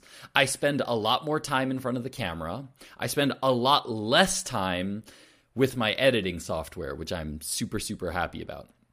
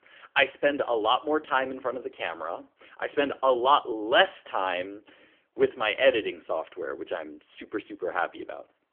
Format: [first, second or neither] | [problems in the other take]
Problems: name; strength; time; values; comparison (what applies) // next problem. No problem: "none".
first | phone-call audio; poor line; nothing above 3.5 kHz